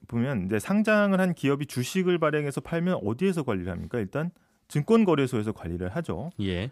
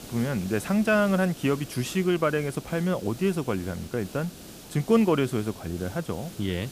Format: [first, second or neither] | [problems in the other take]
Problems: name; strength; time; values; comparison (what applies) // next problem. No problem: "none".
first | hiss; noticeable; throughout; 15 dB below the speech